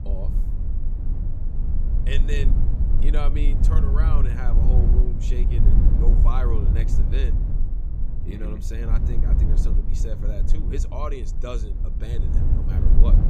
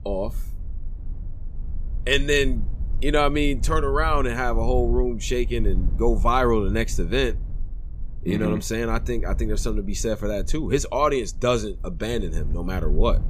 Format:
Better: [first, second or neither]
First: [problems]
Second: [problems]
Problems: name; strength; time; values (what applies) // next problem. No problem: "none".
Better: second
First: low rumble; loud; throughout; 3 dB below the speech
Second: low rumble; faint; throughout; 25 dB below the speech